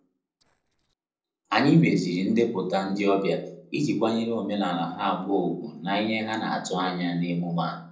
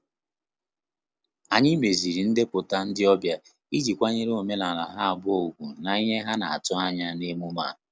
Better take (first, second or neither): second